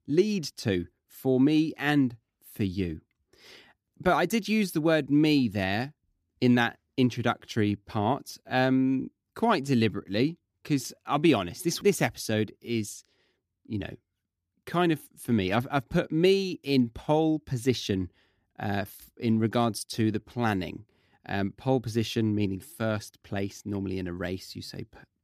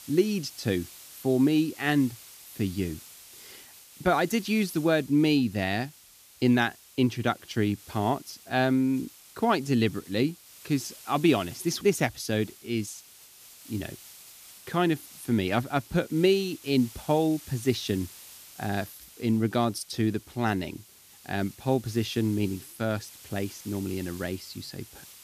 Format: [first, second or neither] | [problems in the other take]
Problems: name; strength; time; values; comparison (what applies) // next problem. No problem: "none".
first | hiss; noticeable; throughout; 20 dB below the speech